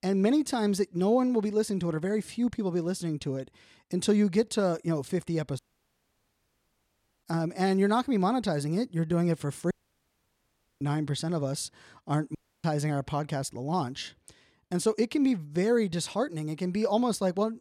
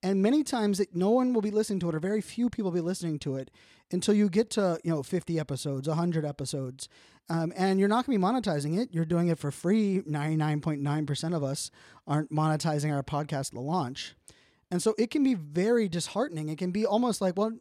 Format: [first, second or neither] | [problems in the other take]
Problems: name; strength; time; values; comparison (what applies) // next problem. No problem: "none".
second | audio cutting out; at 5.5 s for 1.5 s, at 9.5 s for 1 s and at 12 s